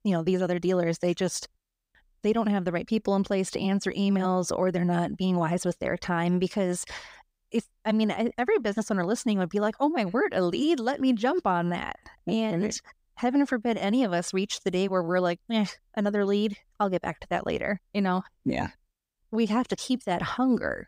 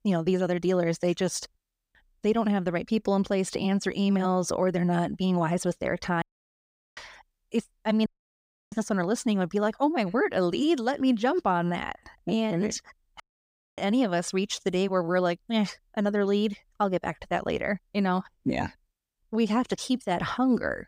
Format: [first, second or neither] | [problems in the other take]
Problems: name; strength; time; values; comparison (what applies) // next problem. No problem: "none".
first | audio cutting out; at 6 s for 1 s, at 8 s for 0.5 s and at 13 s for 0.5 s